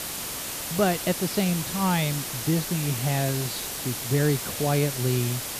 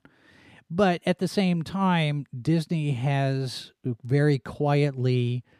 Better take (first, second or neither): second